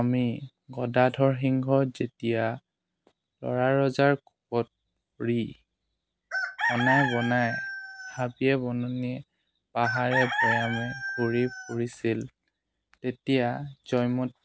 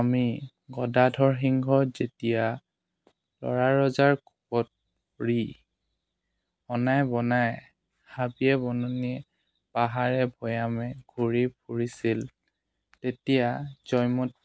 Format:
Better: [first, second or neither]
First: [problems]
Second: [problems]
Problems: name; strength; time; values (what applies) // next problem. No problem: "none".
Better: second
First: background sound (Chicken, rooster); 3 dB below the speech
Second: none